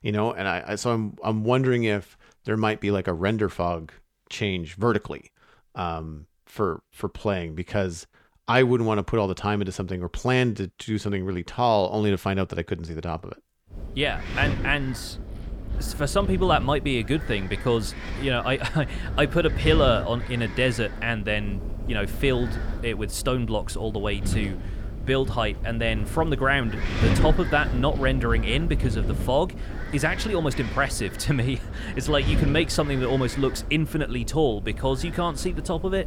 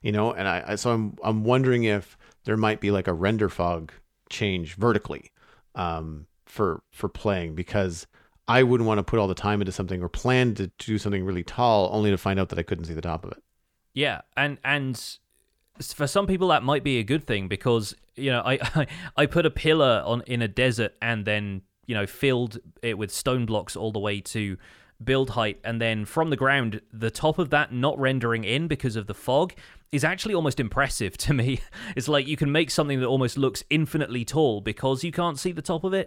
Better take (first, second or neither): second